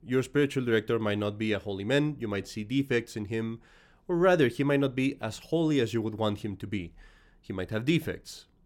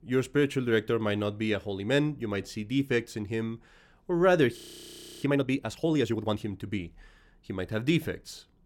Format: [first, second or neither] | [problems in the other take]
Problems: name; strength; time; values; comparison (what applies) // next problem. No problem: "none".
first | audio freezing; at 4.5 s for 0.5 s